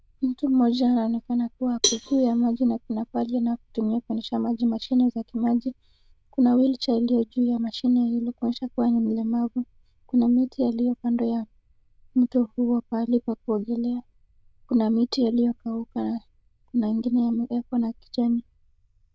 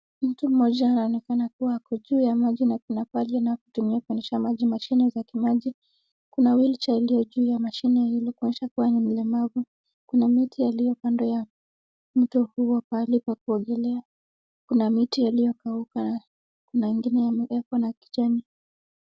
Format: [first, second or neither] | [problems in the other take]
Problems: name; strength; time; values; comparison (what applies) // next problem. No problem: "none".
second | noise reduction (neural diffusion model UNIVERSE++)